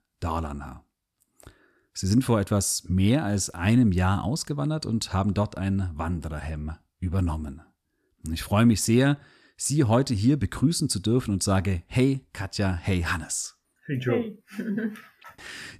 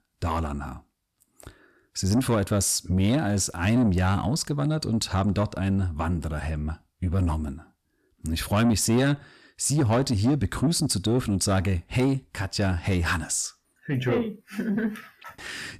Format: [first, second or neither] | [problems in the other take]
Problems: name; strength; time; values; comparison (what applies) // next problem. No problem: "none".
first | distortion; slight; 10 dB below the speech